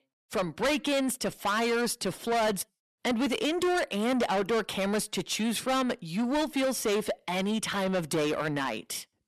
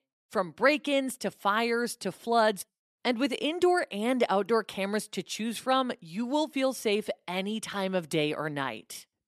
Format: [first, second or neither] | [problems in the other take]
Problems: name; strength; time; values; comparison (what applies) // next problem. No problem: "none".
second | distortion; heavy; 6 dB below the speech